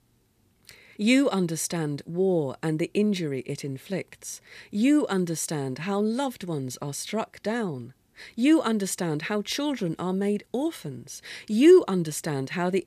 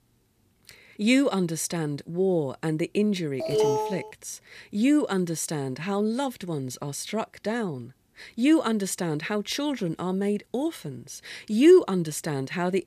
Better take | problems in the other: first | alarm; loud; at 3.5 s; peak 2 dB above the speech

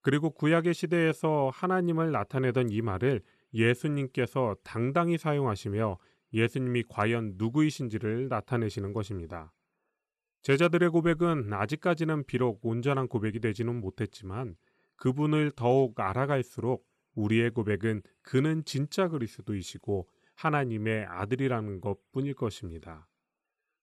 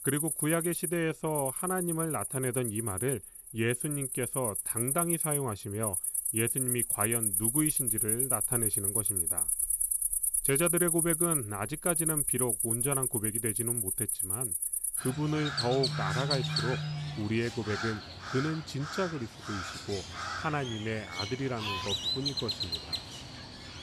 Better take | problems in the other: first | animal sounds; very loud; throughout; 4 dB above the speech

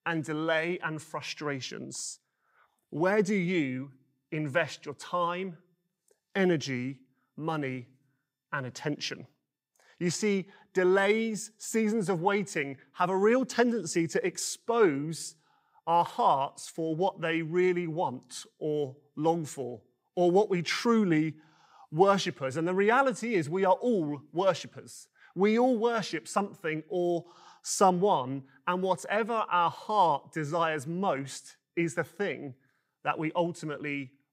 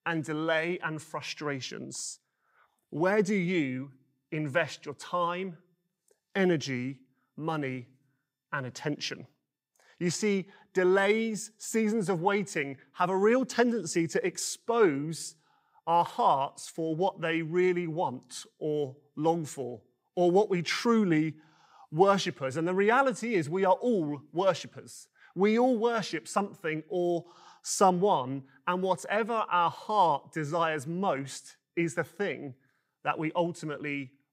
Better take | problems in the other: neither | none

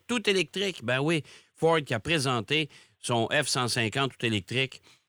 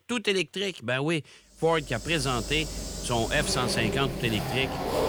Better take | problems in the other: first | household noises; loud; from 2 s on; 5 dB below the speech

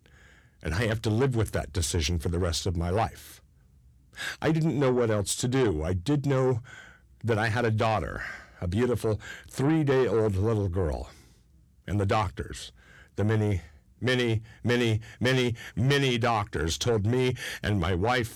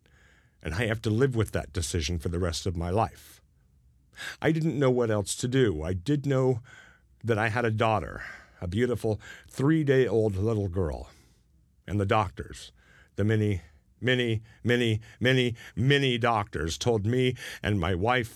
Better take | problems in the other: second | distortion; slight; 10 dB below the speech

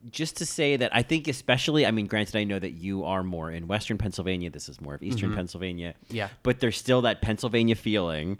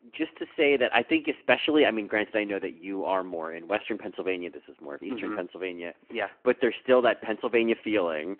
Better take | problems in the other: first | phone-call audio

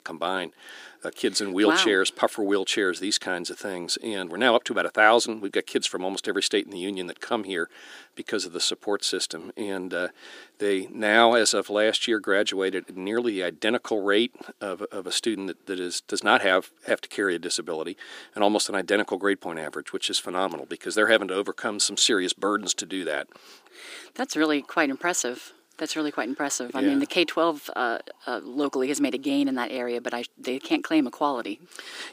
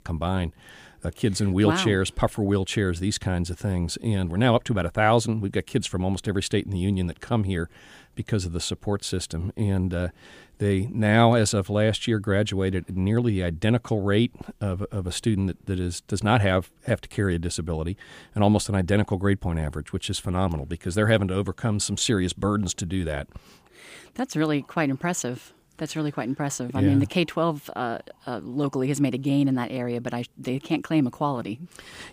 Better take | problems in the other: second | thin; somewhat; fading below 300 Hz

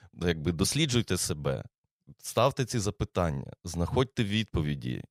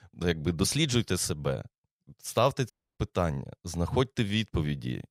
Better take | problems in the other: first | audio cutting out; at 2.5 s

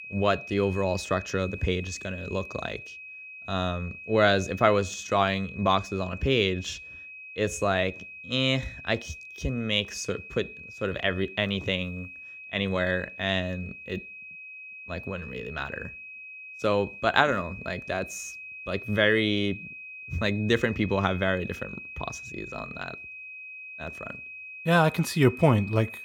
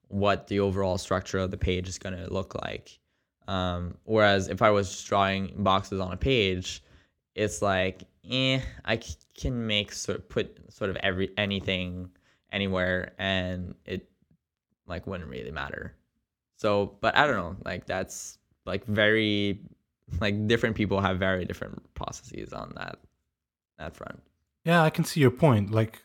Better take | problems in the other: second | high-pitched whine; noticeable; throughout; 2.5 kHz, 15 dB below the speech

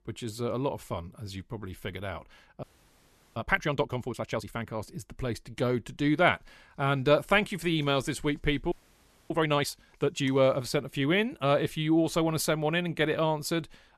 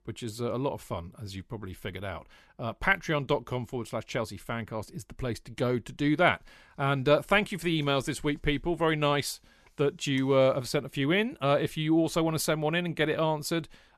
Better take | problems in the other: second | audio freezing; at 2.5 s for 0.5 s and at 8.5 s for 0.5 s

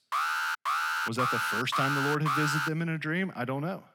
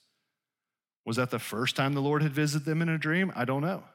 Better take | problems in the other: second | alarm; loud; until 2.5 s; peak 3 dB above the speech

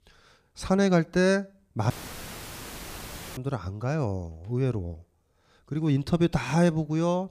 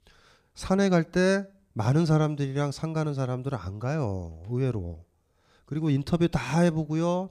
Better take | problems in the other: second | audio cutting out; filled with static; at 2 s for 1.5 s

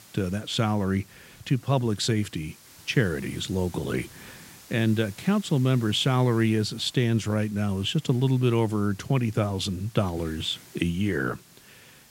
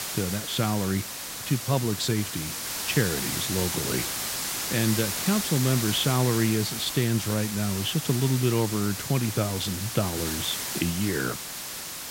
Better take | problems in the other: first | hiss; loud; throughout; 3 dB below the speech; faint in the first

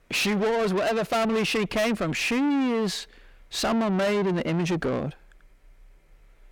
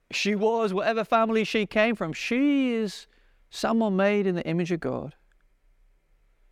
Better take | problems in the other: second | distortion; heavy; 6 dB below the speech

